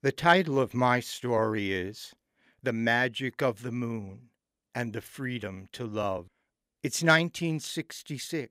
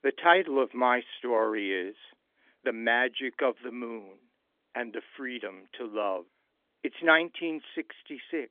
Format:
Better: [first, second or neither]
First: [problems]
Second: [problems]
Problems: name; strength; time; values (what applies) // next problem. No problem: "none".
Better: first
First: none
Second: phone-call audio; nothing above 3.5 kHz